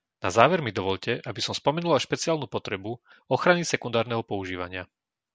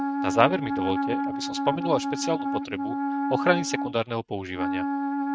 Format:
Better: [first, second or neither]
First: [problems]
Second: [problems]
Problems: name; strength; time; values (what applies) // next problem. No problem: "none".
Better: first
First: none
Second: noise reduction (neural mask model RNNoise)